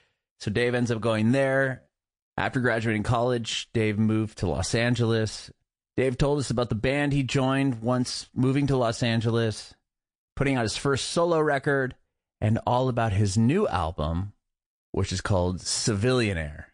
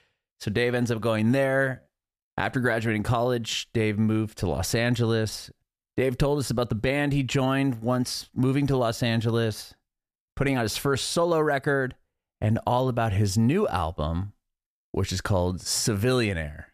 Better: second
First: garbled, watery; slightly; nothing above 10 kHz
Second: none

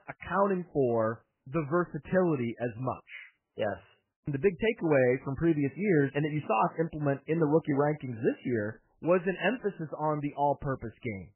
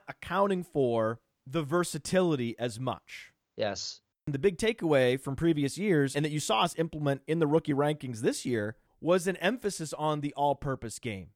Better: second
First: garbled, watery; badly; nothing above 3 kHz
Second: none

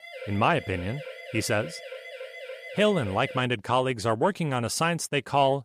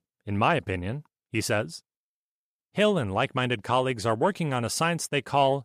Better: second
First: siren; faint; until 3.5 s; peak 10 dB below the speech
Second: none

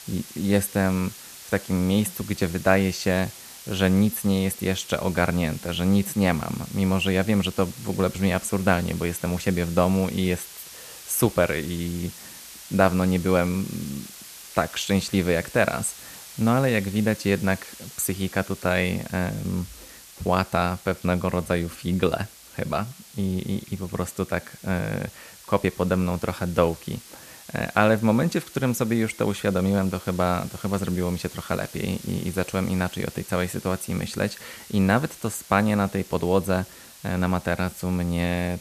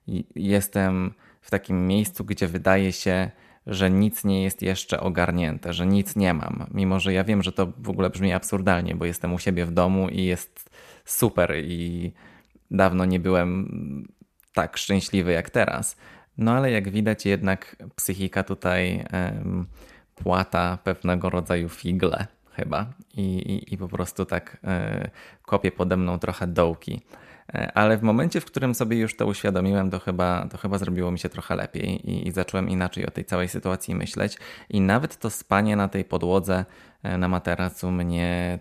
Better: second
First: hiss; noticeable; throughout; 15 dB below the speech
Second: none

